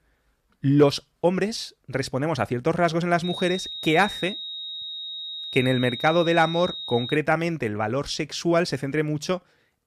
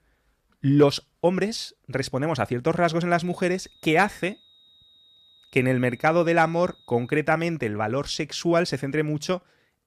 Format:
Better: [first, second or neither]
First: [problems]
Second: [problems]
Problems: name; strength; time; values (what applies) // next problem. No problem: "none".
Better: second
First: high-pitched whine; loud; from 3 to 7 s; 4 kHz, 8 dB below the speech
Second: high-pitched whine; faint; from 3 to 7 s; 4 kHz, 30 dB below the speech